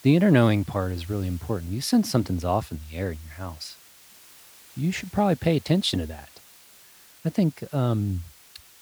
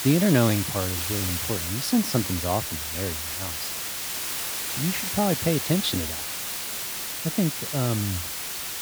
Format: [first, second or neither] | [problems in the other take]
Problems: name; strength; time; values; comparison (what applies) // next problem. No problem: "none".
first | hiss; loud; throughout; 1 dB below the speech; faint in the first